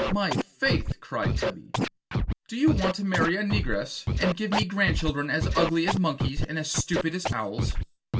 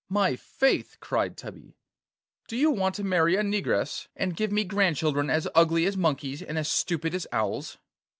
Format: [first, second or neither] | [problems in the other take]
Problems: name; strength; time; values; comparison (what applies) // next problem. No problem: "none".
second | background sound (Scratching (performance technique)); 1 dB below the speech // room echo; dies away in 0.2 s